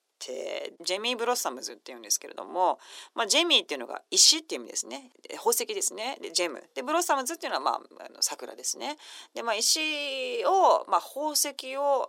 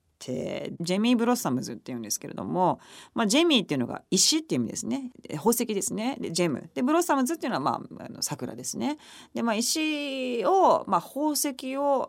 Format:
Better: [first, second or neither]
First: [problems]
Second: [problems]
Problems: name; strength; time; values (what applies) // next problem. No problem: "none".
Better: second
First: thin; very; fading below 400 Hz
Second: none